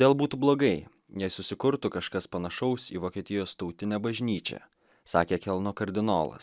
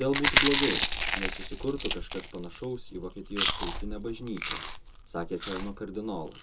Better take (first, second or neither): first